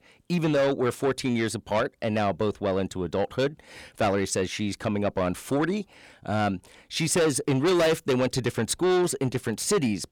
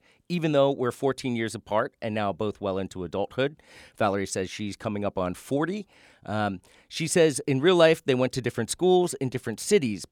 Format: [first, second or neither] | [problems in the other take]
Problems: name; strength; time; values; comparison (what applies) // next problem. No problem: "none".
second | distortion; heavy; 7 dB below the speech